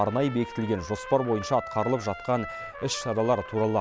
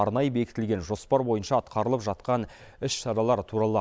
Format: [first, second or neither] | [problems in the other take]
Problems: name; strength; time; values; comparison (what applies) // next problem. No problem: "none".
second | background sound (Trumpet); 12 dB below the speech